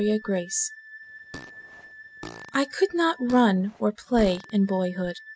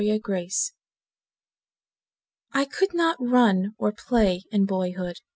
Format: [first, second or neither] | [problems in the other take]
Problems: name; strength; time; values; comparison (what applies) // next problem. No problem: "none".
second | background sound (Fart + Wind instrument, woodwind instrument); 18 dB below the speech